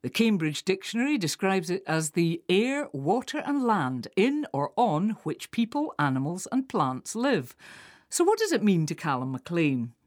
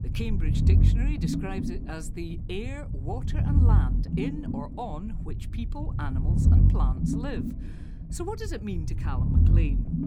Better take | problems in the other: first | low rumble; loud; throughout; as loud as the speech

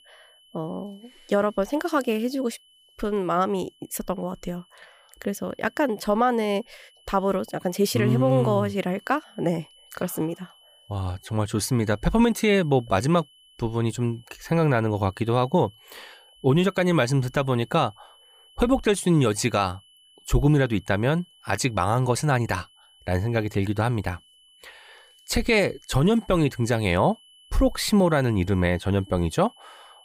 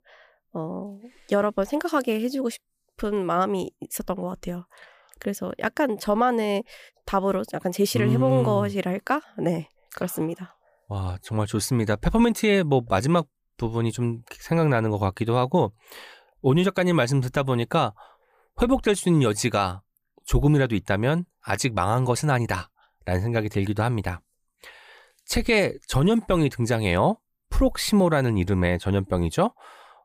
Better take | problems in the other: second | high-pitched whine; faint; throughout; 3 kHz, 30 dB below the speech

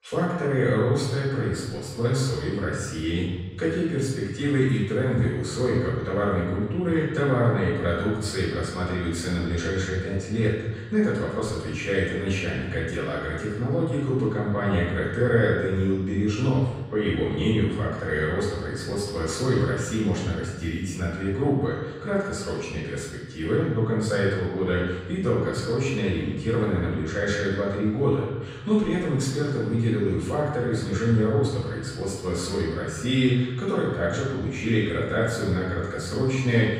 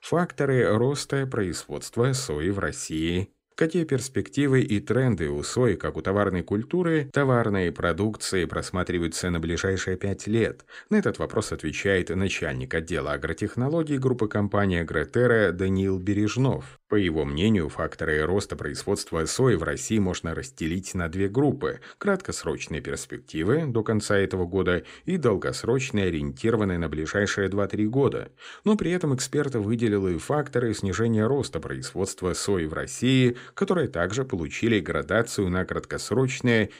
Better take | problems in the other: second | off-mic speech; far // room echo; noticeable; dies away in 1.3 s

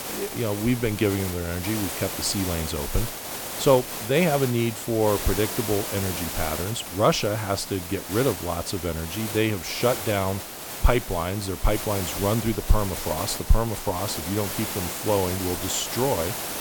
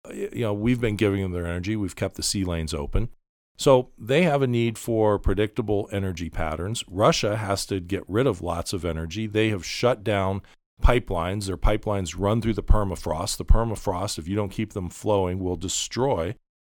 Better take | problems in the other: second | hiss; loud; throughout; 5 dB below the speech

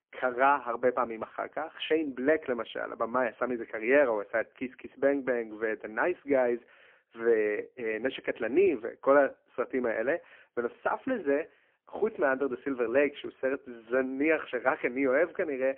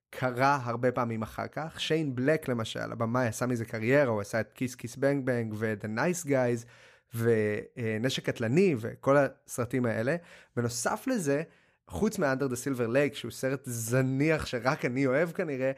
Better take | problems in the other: second | phone-call audio; poor line; nothing above 3.5 kHz

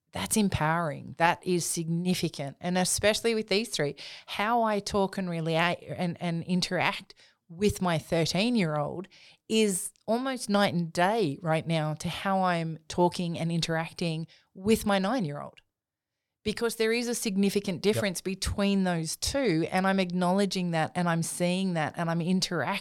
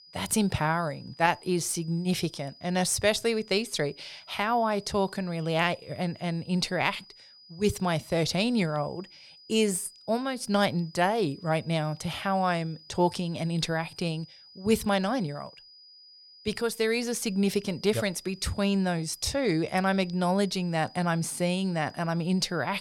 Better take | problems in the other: first | high-pitched whine; faint; throughout; 5 kHz, 20 dB below the speech

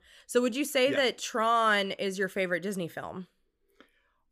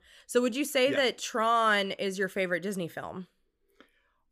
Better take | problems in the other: neither | none

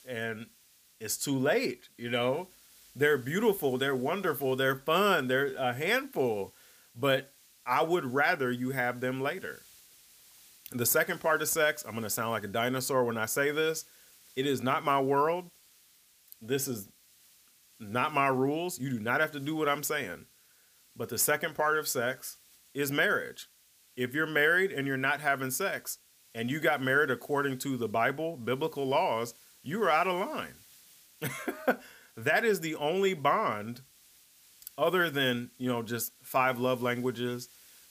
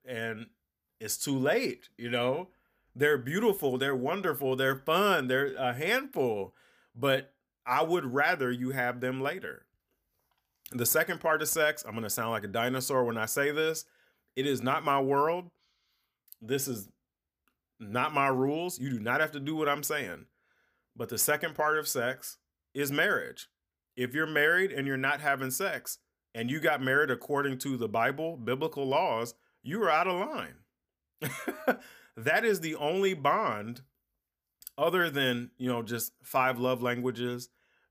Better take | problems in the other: second | hiss; faint; throughout; 25 dB below the speech

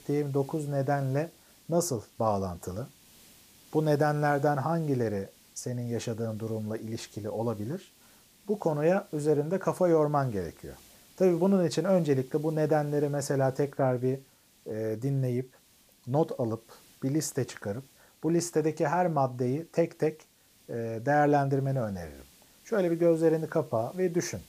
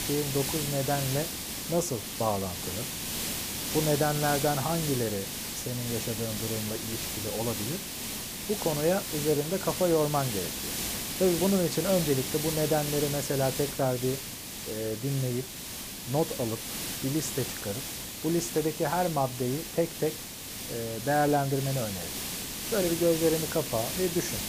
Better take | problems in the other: first | hiss; loud; throughout; 3 dB below the speech; faint in the first

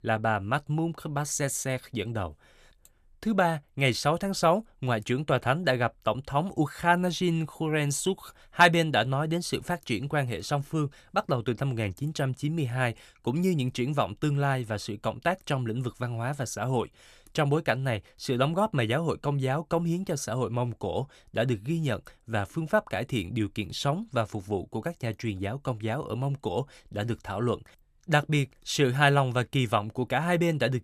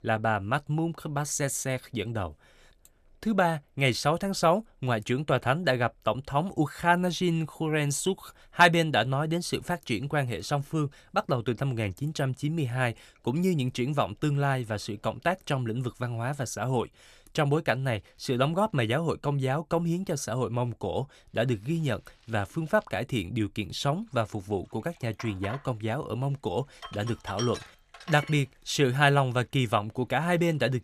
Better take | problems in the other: first | household noises; noticeable; throughout; 15 dB below the speech

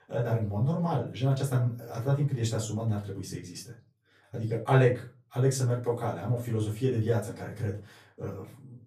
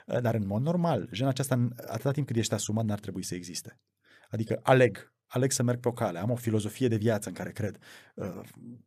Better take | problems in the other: second | off-mic speech; far // room echo; slight; dies away in 0.3 s

